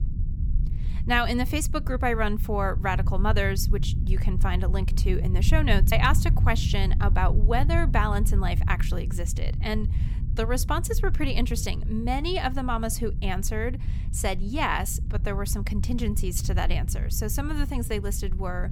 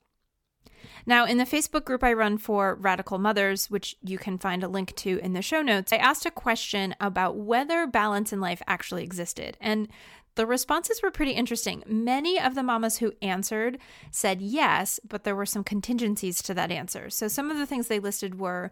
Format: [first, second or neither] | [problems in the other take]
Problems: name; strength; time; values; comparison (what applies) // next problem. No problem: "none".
second | low rumble; noticeable; throughout; 15 dB below the speech